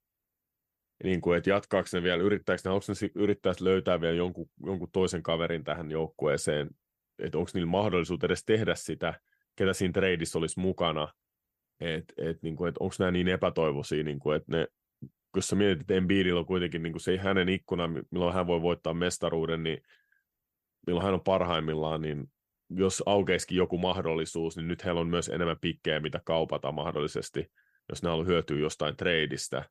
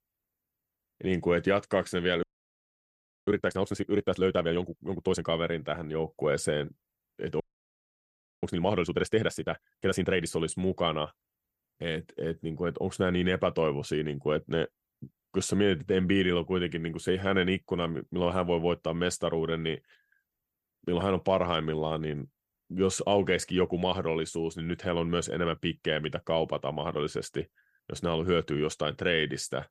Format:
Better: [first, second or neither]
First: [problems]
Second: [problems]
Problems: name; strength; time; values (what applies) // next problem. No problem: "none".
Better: first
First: none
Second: audio freezing; at 2 s for 1 s and at 7.5 s for 1 s